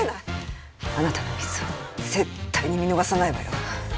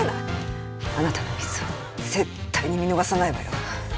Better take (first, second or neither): first